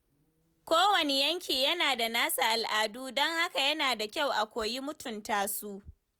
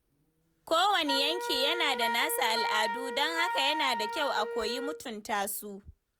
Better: first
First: none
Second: background sound (Wind instrument, woodwind instrument); 5 dB below the speech

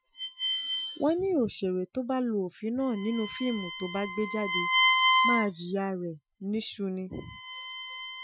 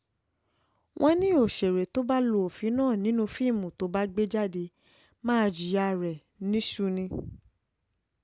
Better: second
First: noise reduction (classical method Wiener filter)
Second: none

